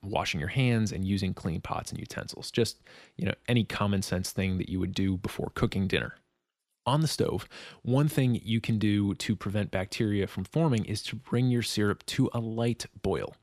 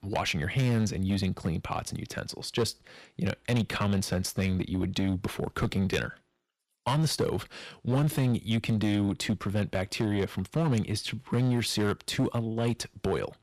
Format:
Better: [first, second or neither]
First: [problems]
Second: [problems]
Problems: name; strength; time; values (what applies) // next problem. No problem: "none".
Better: first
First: none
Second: distortion; slight; 6% of the sound clipped